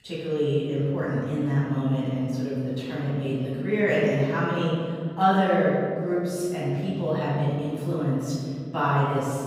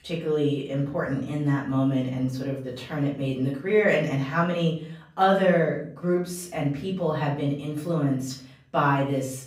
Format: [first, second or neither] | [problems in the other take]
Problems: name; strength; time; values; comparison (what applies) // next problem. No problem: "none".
second | room echo; strong; dies away in 2.2 s; slight in the second // off-mic speech; far; far in the second